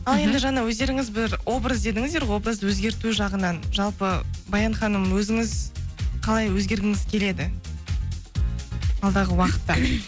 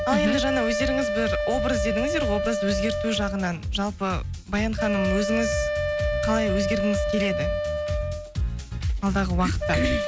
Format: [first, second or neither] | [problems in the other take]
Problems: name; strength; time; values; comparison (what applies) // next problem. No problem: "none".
first | background sound (Wind instrument, woodwind instrument); 2 dB below the speech